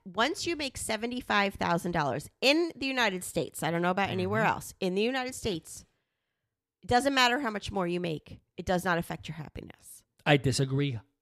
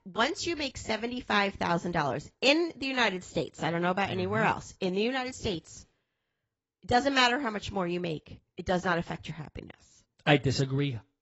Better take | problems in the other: first | garbled, watery; badly; nothing above 7.5 kHz

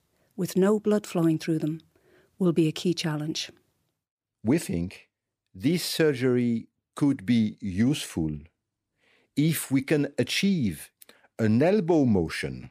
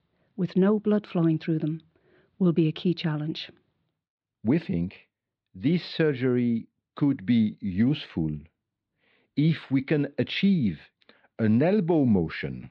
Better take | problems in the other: first | muffled; slightly; fading above 4 kHz

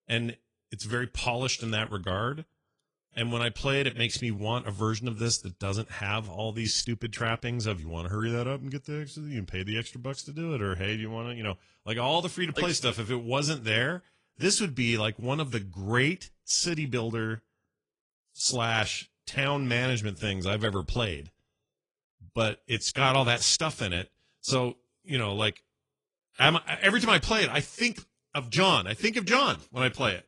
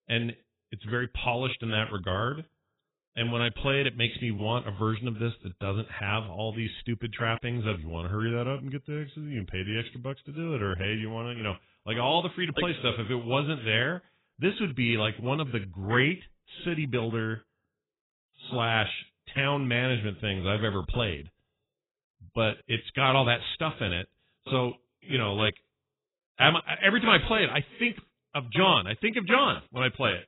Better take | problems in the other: first | garbled, watery; badly; nothing above 3.5 kHz; slightly in the first

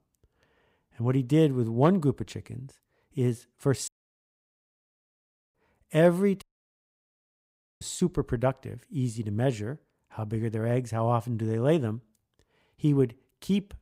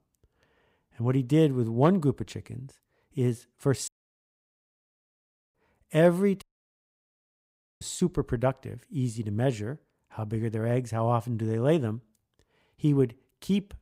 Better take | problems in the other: neither | audio cutting out; at 4 s for 1.5 s and at 6.5 s for 1.5 s; the same in both

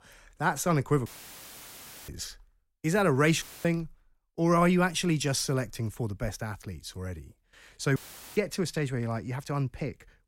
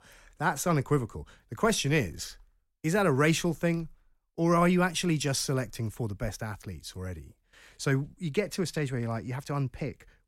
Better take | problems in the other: second | audio cutting out; filled with static; at 1 s for 1 s, at 3.5 s and at 8 s

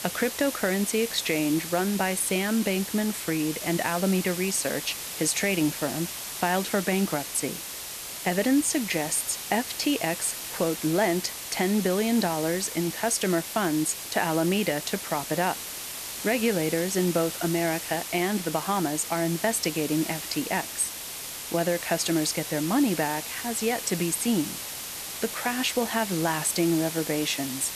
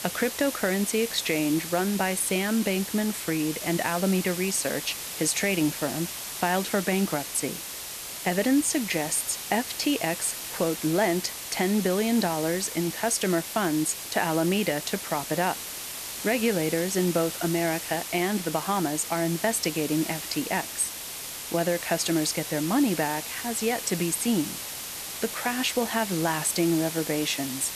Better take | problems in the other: neither | hiss; loud; throughout; 6 dB below the speech; the same in both

